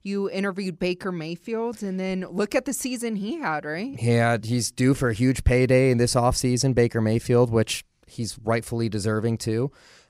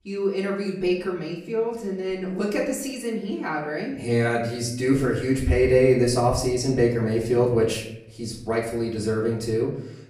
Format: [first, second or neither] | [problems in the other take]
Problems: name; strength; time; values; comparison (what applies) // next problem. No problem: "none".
first | off-mic speech; far // room echo; slight; dies away in 0.6 s